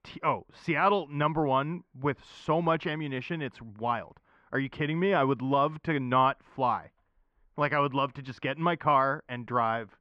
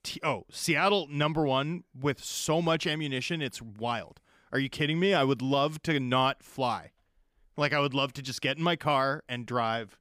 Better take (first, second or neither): second